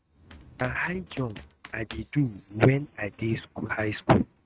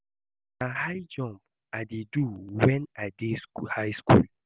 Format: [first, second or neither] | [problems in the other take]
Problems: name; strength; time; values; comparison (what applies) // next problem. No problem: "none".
second | noise reduction (neural mask model RNNoise)